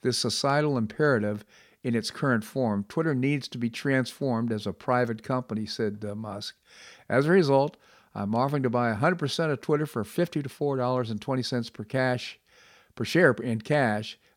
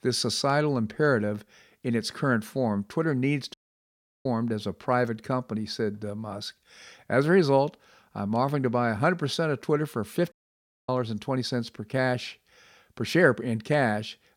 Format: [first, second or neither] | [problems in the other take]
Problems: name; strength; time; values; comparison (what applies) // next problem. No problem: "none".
first | audio cutting out; at 3.5 s for 0.5 s and at 10 s for 0.5 s